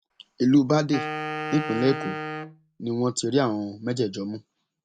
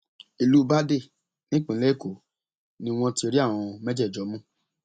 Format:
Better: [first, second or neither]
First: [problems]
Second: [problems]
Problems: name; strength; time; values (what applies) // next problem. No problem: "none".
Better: second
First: background sound (Wind instrument, woodwind instrument); 8 dB below the speech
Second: none